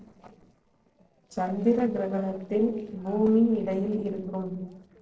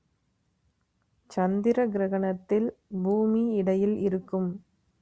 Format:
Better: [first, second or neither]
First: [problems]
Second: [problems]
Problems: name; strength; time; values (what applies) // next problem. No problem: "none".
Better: second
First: noise reduction (neural separator model SepFormer DNS4)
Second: none